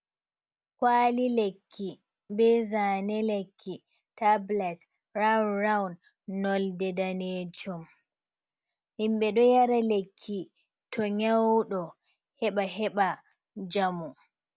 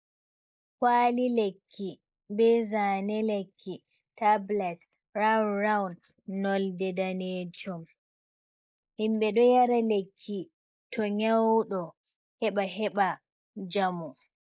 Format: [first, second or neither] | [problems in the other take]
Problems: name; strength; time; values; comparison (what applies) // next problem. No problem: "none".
first | noise reduction (neural mask model Resemble Enhance denoiser)